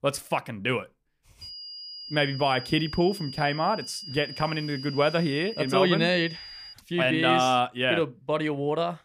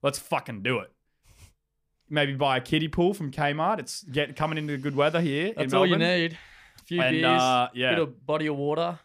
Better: second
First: high-pitched whine; noticeable; from 1.5 to 6.5 s; 5 kHz, 10 dB below the speech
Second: none

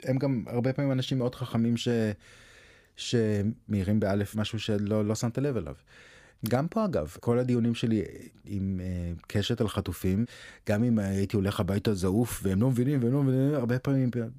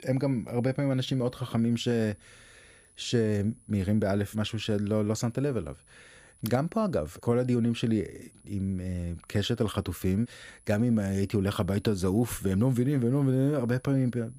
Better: first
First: none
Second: high-pitched whine; faint; throughout; 10 kHz, 30 dB below the speech

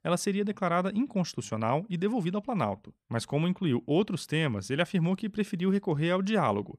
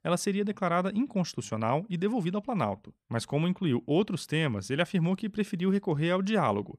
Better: neither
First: none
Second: none

